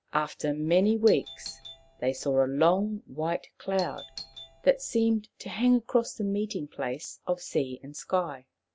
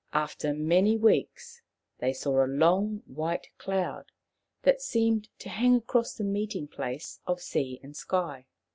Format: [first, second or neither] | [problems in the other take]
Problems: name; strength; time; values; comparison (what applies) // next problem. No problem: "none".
second | background sound (Doorbell); 17 dB below the speech